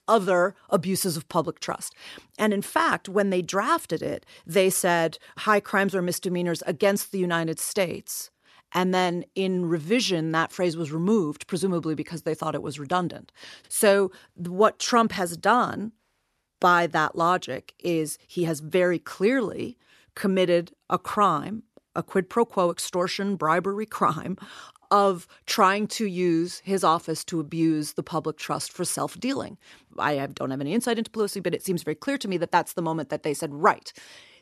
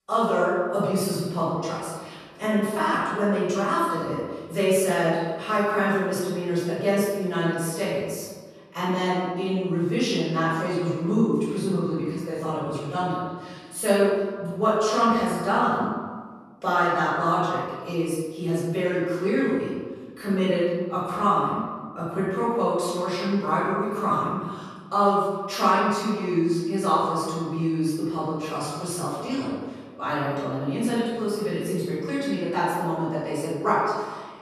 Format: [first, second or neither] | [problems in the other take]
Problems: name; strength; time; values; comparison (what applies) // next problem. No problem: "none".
first | room echo; strong; dies away in 1.4 s // off-mic speech; far